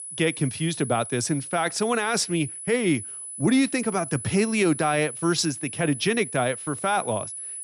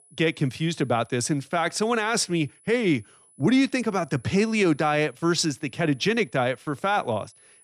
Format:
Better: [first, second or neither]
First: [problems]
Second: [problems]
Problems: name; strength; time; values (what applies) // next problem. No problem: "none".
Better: second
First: high-pitched whine; loud; throughout; 10 kHz, 9 dB below the speech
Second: high-pitched whine; faint; throughout; 10 kHz, 30 dB below the speech